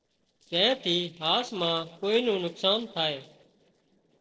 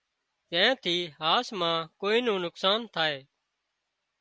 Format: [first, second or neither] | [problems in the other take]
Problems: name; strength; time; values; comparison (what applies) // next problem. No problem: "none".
second | noise reduction (neural separator model SepFormer DNS4)